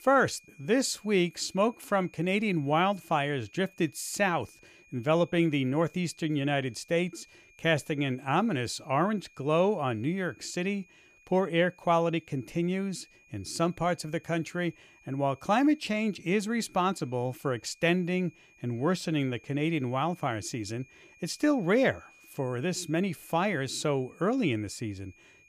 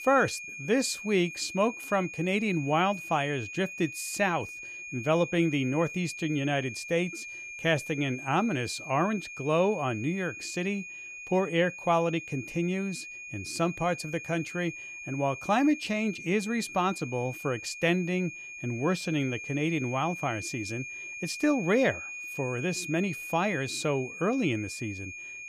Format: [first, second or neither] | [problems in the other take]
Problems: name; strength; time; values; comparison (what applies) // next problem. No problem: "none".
first | high-pitched whine; loud; throughout; 2.5 kHz, 9 dB below the speech; faint in the first